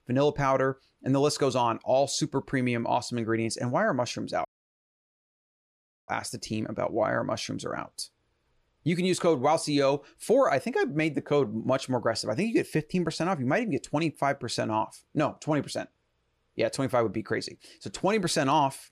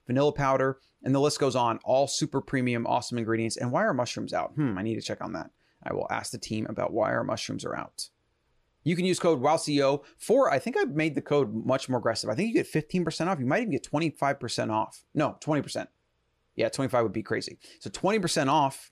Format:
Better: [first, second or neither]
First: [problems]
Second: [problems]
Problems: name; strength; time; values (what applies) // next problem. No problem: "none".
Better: second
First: audio cutting out; at 4.5 s for 1.5 s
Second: none